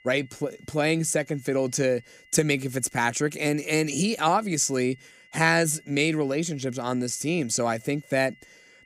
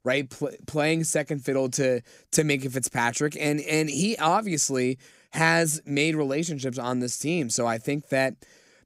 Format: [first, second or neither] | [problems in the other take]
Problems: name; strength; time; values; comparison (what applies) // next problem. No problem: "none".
second | high-pitched whine; faint; throughout; 2 kHz, 30 dB below the speech